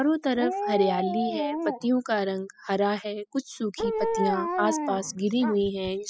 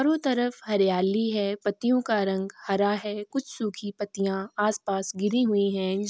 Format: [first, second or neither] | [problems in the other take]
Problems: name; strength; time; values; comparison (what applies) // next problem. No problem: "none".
second | noise reduction (classical method spectral subtraction)